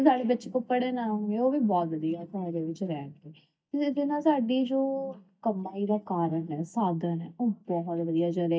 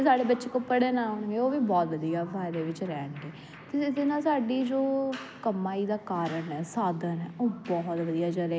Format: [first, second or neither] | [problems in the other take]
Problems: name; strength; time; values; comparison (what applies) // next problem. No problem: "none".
second | noise reduction (neural mask model DeepFilterNet 3)